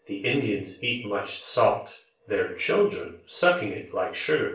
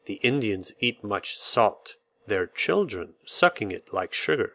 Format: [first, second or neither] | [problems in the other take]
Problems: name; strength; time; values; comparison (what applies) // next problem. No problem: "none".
second | room echo; dies away in 0.4 s